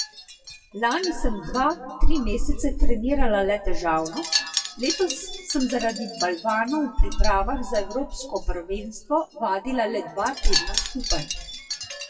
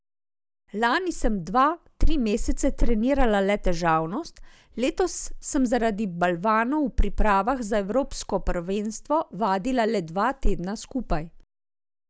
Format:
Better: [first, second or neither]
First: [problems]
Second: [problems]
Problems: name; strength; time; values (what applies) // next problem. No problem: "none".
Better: second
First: noise reduction (classical method WPE with log-MMSE)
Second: none